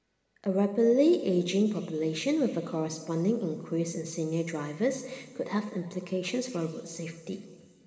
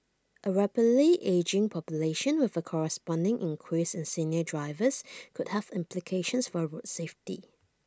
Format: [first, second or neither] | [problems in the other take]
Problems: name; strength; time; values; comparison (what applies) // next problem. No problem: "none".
second | room echo; dies away in 2.1 s